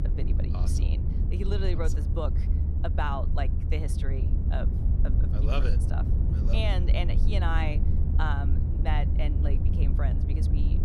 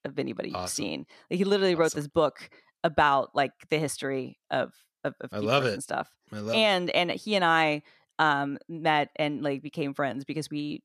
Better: second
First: low rumble; loud; throughout; 6 dB below the speech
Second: none

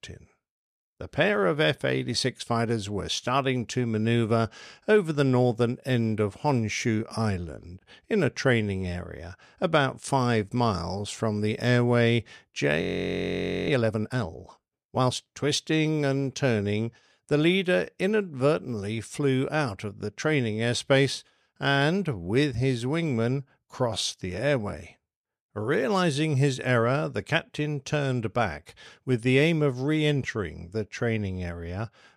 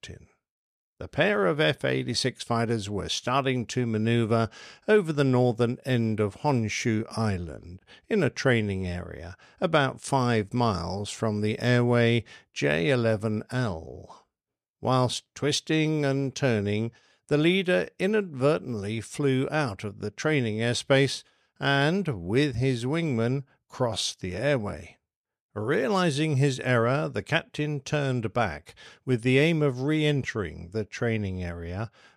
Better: second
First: audio freezing; at 13 s for 1 s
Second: none

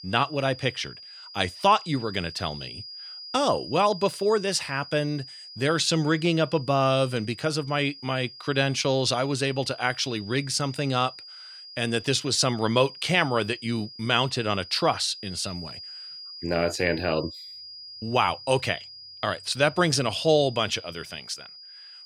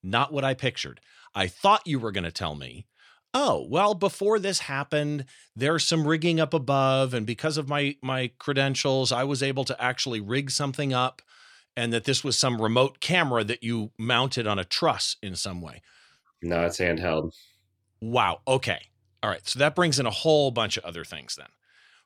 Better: second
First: high-pitched whine; noticeable; throughout; 5 kHz, 15 dB below the speech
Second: none

